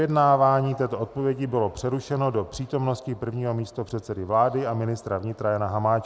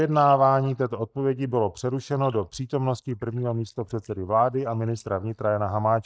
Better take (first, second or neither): first